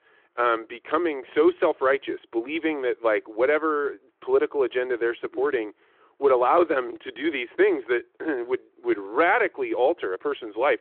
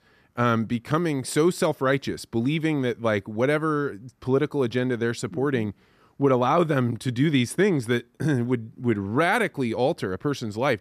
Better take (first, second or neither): second